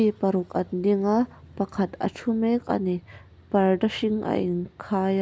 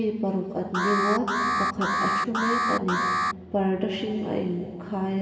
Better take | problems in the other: first | background sound (Alarm); 1 dB above the speech // room echo; dies away in 2.2 s

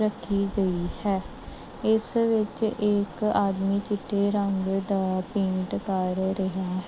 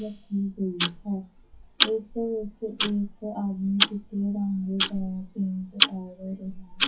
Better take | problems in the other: first | noise reduction (classical method WPE with log-MMSE)

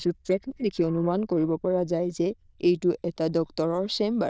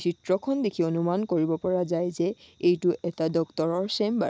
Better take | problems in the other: second | noise reduction (neural diffusion model UNIVERSE++)

